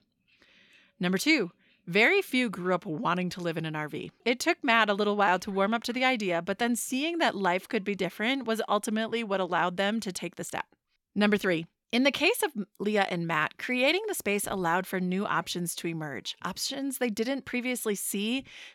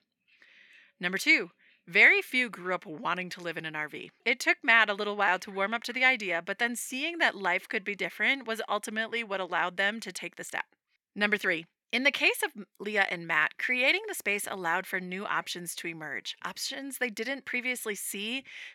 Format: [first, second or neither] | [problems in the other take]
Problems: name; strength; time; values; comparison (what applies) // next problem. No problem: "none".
first | thin; somewhat; fading below 750 Hz